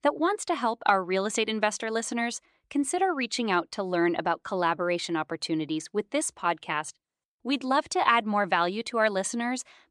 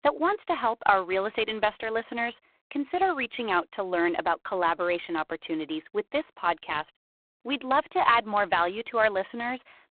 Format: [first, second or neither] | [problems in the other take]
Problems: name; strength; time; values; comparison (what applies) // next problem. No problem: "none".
first | phone-call audio; poor line